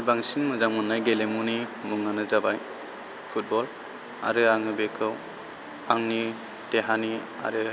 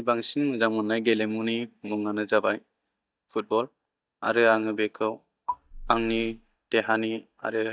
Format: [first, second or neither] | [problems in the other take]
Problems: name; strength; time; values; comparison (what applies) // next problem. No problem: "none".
first | noise reduction (neural mask model DeepFilterNet 3)